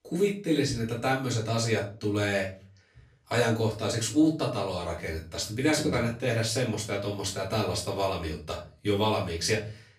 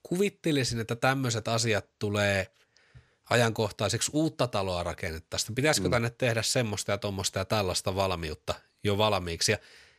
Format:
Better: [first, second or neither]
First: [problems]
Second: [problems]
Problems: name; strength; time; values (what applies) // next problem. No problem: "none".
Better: second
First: off-mic speech; far // room echo; slight; dies away in 0.3 s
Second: none